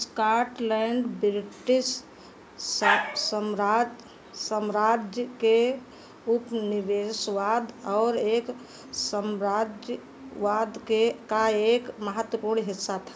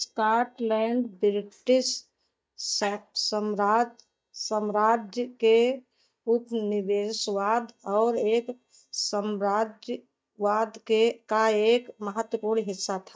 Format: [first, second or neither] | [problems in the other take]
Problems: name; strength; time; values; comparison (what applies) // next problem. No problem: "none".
first | noise reduction (neural mask model DeepFilterNet 3)